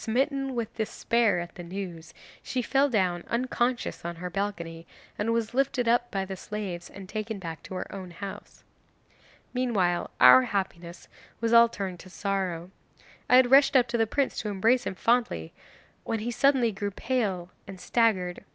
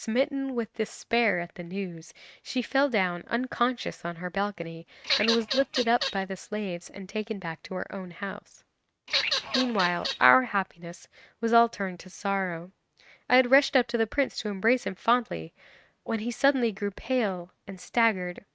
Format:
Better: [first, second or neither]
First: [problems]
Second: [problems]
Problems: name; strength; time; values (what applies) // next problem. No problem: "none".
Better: first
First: none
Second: noise reduction (neural mask model RNNoise)